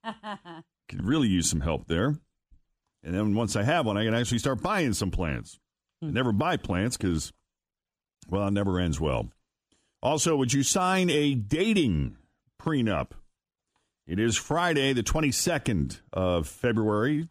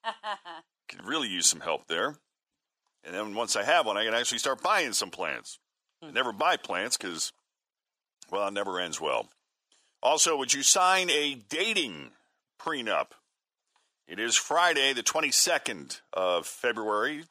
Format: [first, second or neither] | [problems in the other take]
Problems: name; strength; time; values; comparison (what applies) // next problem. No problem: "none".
first | thin; very; fading below 700 Hz